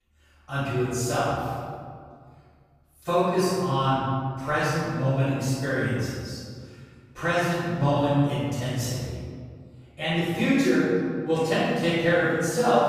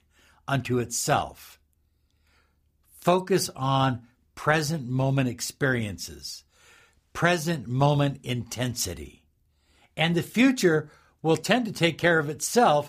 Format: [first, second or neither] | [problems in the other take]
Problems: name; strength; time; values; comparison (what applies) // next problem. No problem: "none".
second | off-mic speech; far // room echo; strong; dies away in 1.9 s